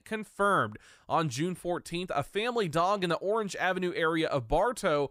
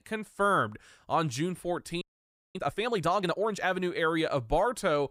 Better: first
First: none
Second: audio freezing; at 2 s for 0.5 s

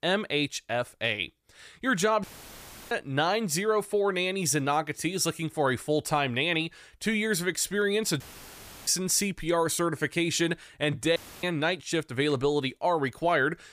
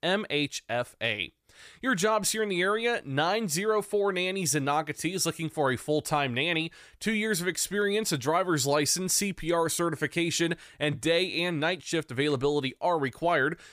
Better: second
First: audio cutting out; filled with static; at 2 s for 0.5 s, at 8 s for 0.5 s and at 11 s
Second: none

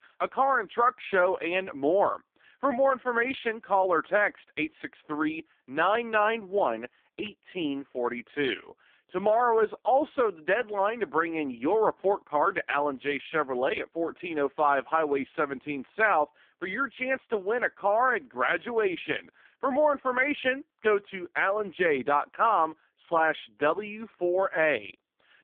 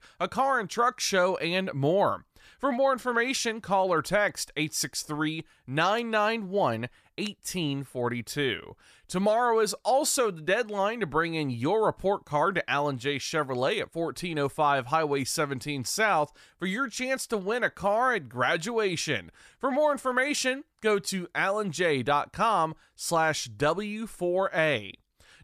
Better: second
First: phone-call audio; poor line; nothing above 3.5 kHz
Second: none

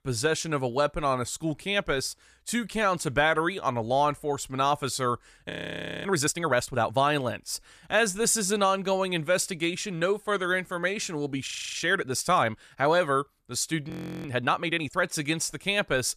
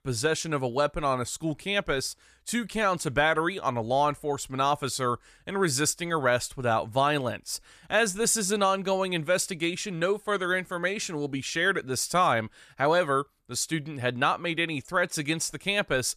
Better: second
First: audio freezing; at 5.5 s for 0.5 s, at 11 s and at 14 s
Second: none

